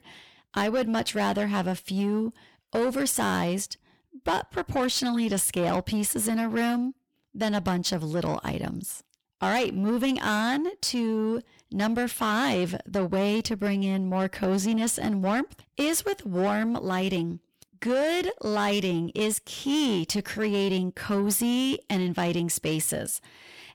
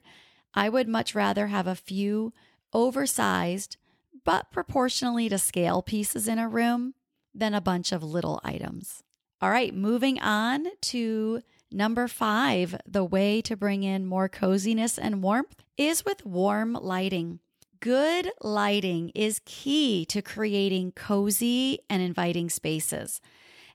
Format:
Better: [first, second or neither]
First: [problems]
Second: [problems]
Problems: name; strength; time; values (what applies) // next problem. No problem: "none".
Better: second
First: distortion; slight; 10 dB below the speech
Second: none